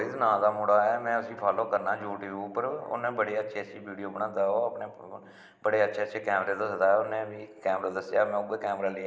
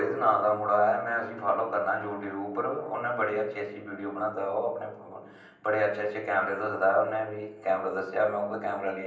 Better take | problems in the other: first | room echo; dies away in 0.6 s

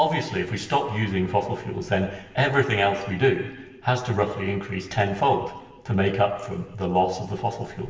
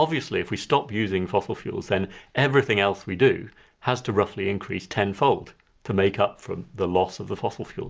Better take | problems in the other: second | room echo; dies away in 1.2 s

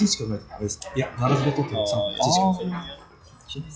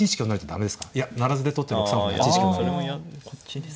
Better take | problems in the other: second | noise reduction (classical method log-MMSE)

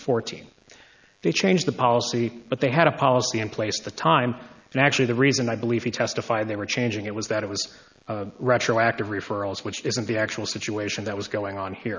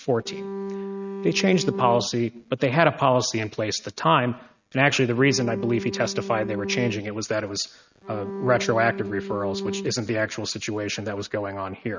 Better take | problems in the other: first | noise reduction (neural mask model RNNoise)

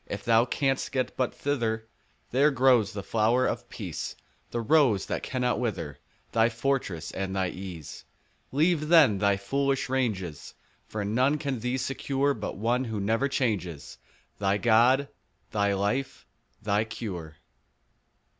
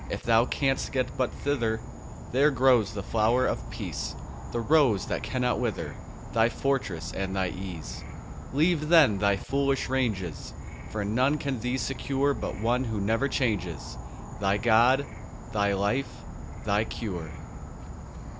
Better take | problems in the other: first | background sound (Insect / Frog); 10 dB below the speech

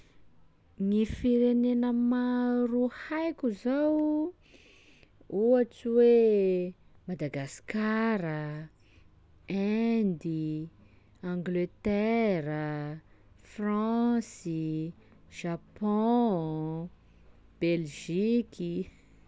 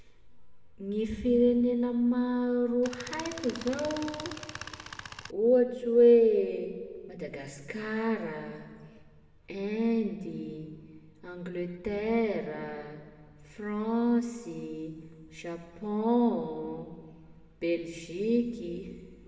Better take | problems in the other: first | background sound (Tools); 13 dB below the speech // room echo; dies away in 1.4 s

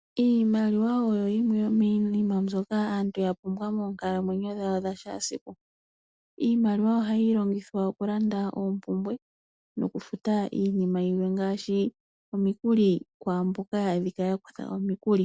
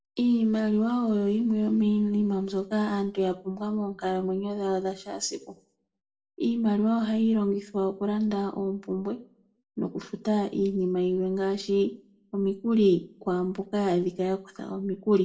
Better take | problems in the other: first | room echo; dies away in 0.3 s

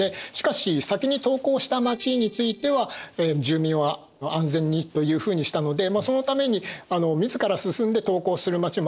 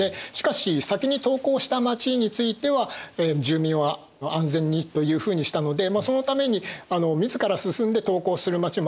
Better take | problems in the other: second | noise reduction (neural separator model SepFormer DNS4)

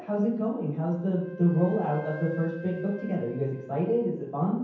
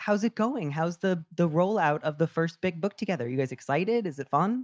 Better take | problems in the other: second | background sound (Wind instrument, woodwind instrument); 18 dB below the speech // room echo; dies away in 0.9 s

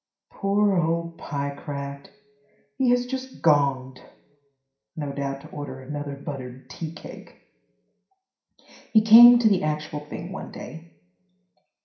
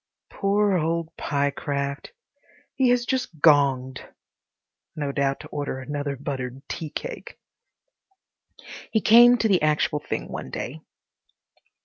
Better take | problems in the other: second | room echo; dies away in 0.5 s

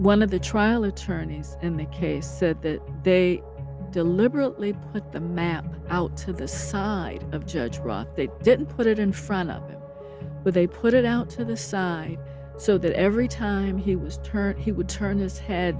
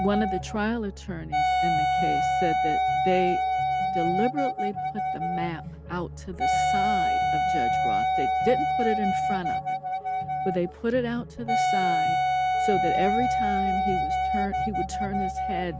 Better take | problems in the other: first | background sound (Wind instrument, woodwind instrument); 4 dB above the speech

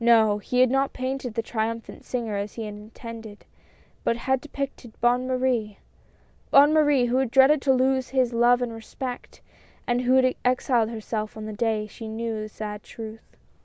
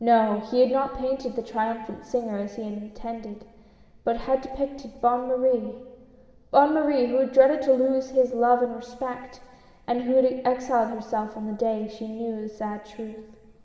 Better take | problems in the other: first | room echo; dies away in 1.6 s

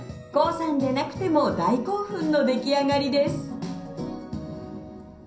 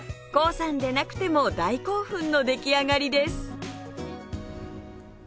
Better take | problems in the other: second | room echo; dies away in 0.6 s

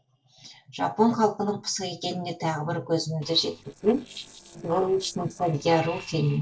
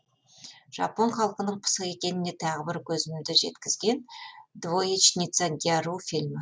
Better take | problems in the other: second | noise reduction (neural separator model SepFormer DNS4)

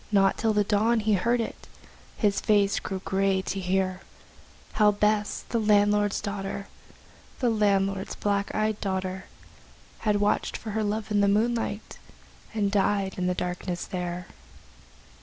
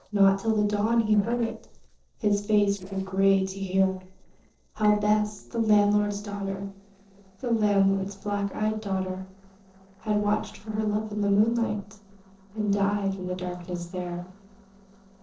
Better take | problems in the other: first | noise reduction (neural separator model SepFormer DNS4)

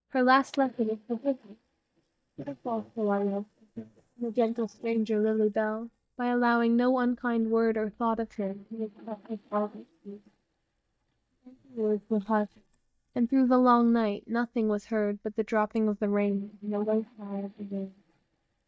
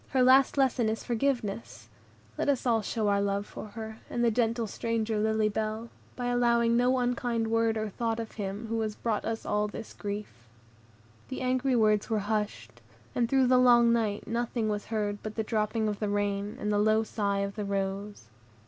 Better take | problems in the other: second | noise reduction (neural mask model DeepFilterNet 3)

